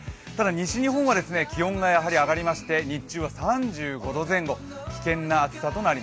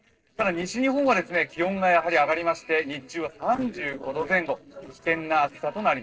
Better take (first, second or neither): first